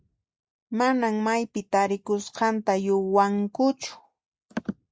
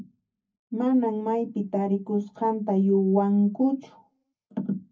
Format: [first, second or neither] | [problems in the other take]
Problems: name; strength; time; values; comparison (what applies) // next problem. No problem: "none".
first | room echo; dies away in 0.3 s